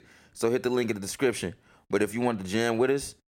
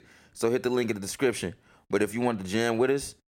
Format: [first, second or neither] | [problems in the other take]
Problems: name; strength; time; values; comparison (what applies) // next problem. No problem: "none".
neither | none